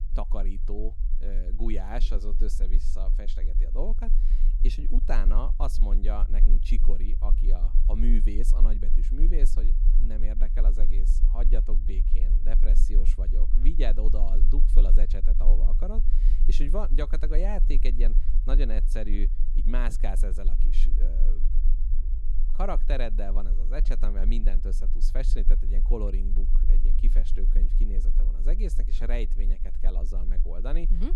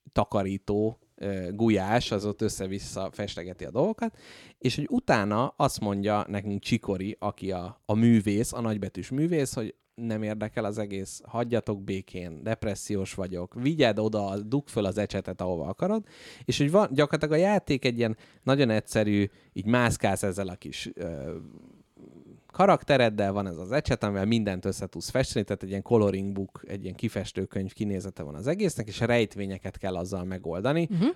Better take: second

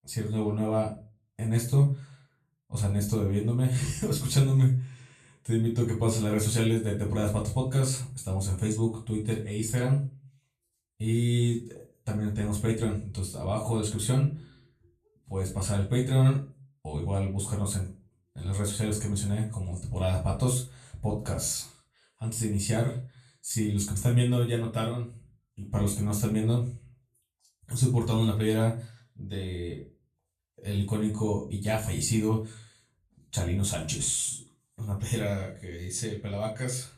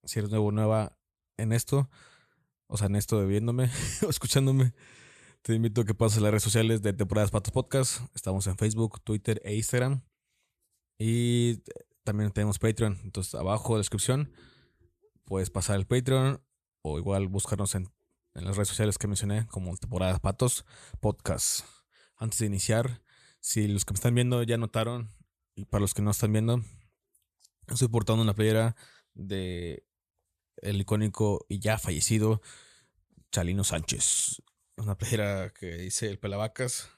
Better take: second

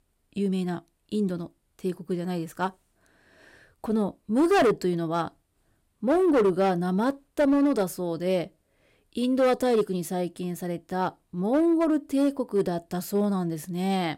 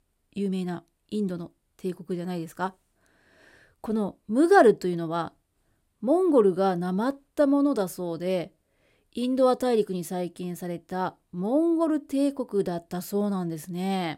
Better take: second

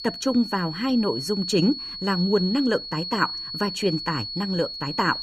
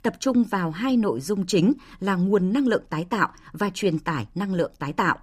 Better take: second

